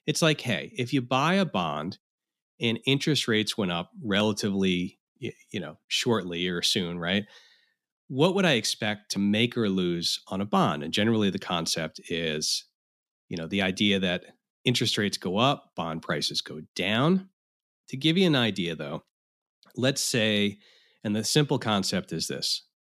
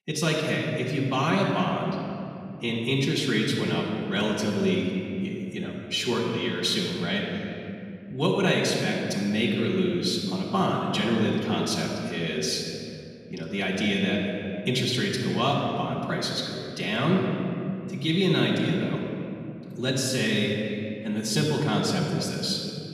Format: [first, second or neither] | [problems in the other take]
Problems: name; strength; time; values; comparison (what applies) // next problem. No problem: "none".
first | off-mic speech; far // room echo; noticeable; dies away in 2.5 s